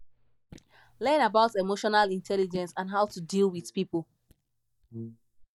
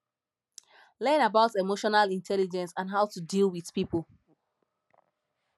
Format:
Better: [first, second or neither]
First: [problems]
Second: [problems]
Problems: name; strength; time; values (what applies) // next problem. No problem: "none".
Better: second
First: noise reduction (neural mask model DeepFilterNet 3)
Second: none